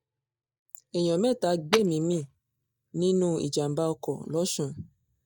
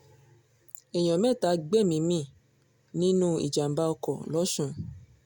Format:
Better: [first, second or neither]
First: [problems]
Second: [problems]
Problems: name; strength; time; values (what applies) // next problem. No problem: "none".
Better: second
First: noise reduction (neural mask model DeepFilterNet 3)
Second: none